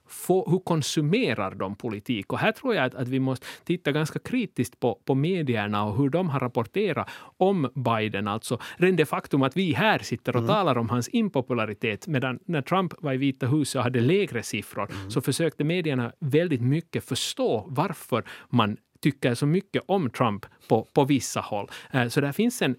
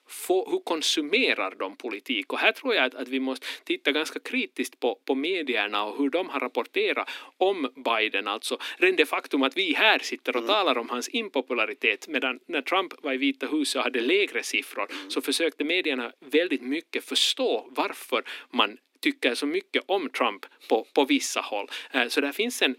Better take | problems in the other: first | thin; very slightly; fading below 250 Hz

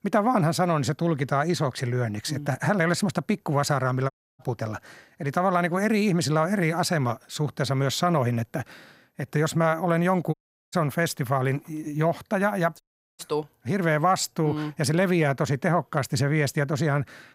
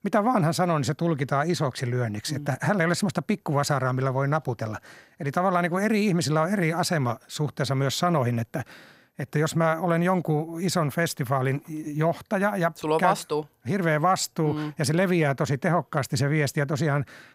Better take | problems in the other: second | audio cutting out; at 4 s, at 10 s and at 13 s

